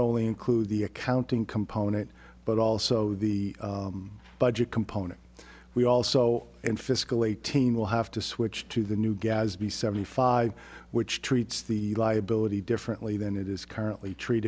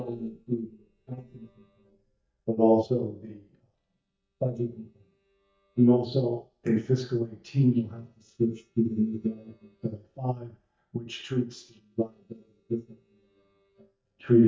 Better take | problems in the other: first | noise reduction (neural mask model DeepFilterNet 3)

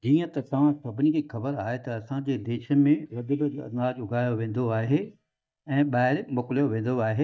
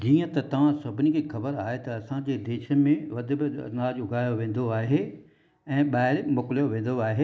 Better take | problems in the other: second | noise reduction (neural mask model DeepFilterNet 3)

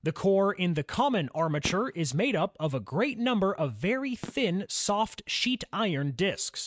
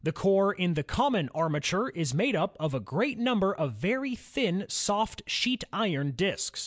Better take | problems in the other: second | noise reduction (neural mask model RNNoise)

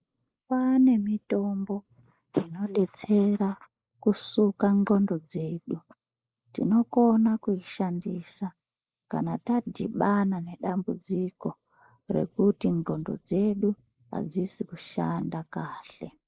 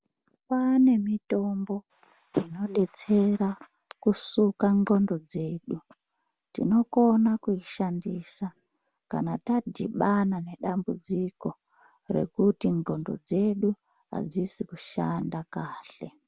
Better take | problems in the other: second | noise reduction (neural mask model Resemble Enhance denoiser)

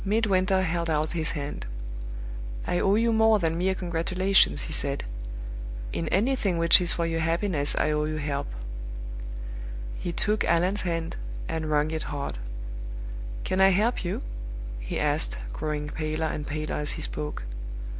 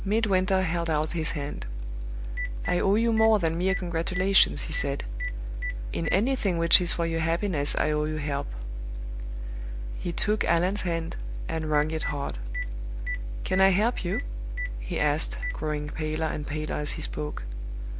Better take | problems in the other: first | background sound (Telephone); 15 dB below the speech

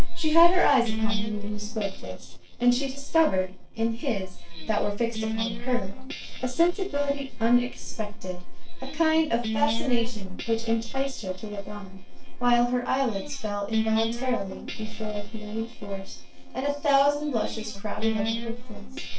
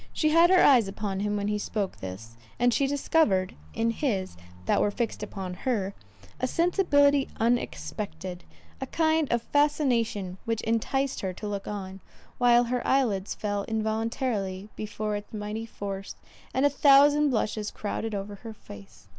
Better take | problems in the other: second | noise reduction (neural separator model SepFormer DNS4)

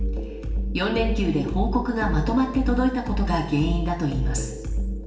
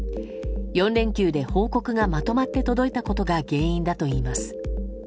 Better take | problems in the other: second | room echo; dies away in 0.9 s

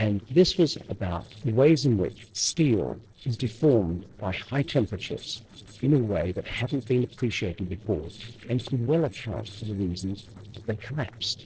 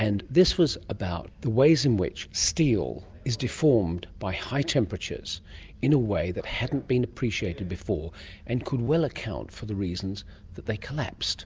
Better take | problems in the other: second | noise reduction (neural separator model SepFormer DNS4)

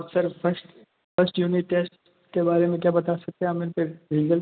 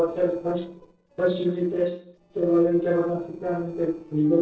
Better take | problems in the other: first | noise reduction (neural separator model SepFormer DNS4)

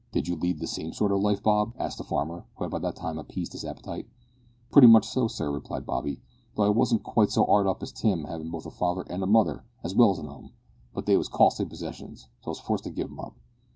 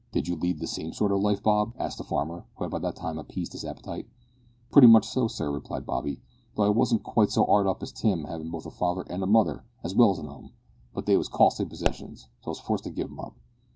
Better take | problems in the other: first | background sound (Explosion); 7 dB below the speech

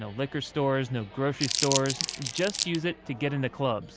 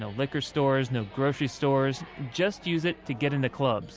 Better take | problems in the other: second | background sound (Crumpling, crinkling); 3 dB below the speech

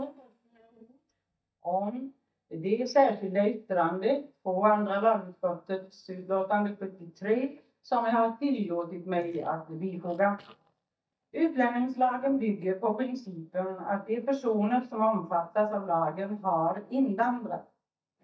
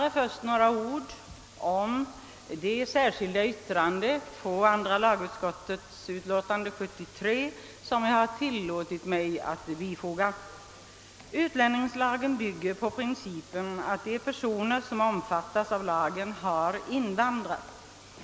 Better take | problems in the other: second | noise reduction (neural mask model DeepFilterNet 3)

